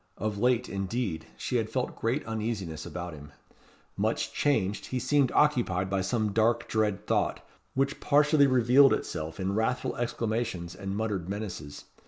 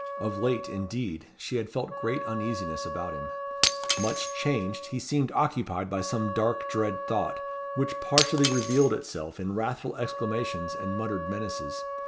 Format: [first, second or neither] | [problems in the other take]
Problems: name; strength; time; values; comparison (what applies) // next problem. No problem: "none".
first | background sound (Shatter + Wind instrument, woodwind instrument); 4 dB below the speech